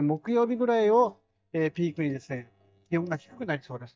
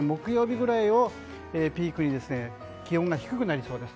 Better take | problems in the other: second | noise reduction (neural mask model DeepFilterNet 3)

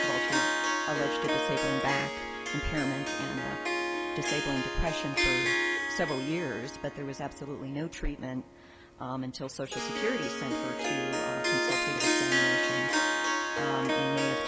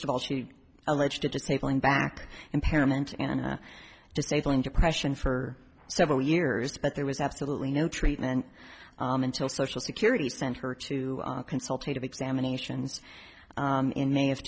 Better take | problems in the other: second | background sound (Harp); 5 dB above the speech

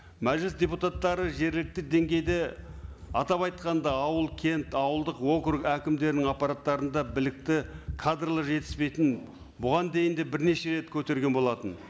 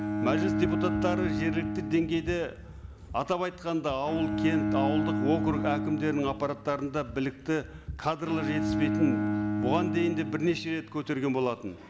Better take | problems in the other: first | background sound (Bowed string instrument); 1 dB below the speech

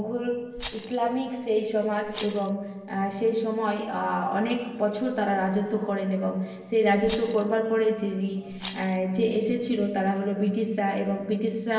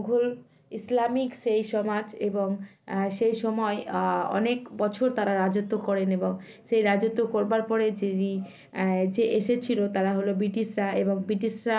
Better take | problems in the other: second | background sound (Rattle); 17 dB below the speech // room echo; dies away in 1.2 s

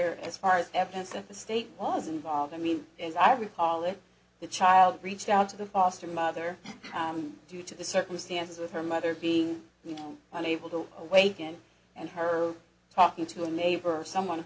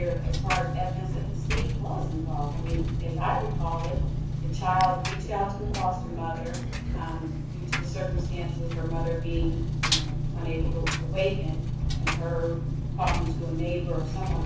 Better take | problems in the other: first | background sound (Engine); 4 dB above the speech // room echo; dies away in 0.6 s

